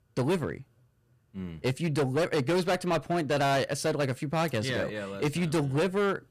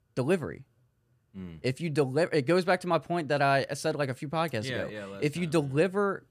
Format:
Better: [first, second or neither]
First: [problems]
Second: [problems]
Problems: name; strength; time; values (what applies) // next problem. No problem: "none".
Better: second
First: distortion; heavy; 13% of the sound clipped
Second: none